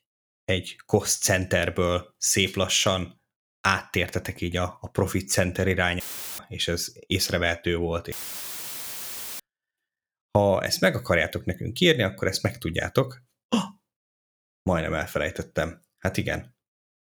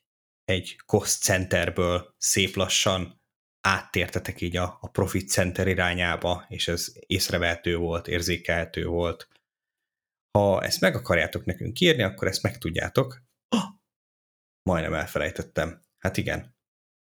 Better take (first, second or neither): second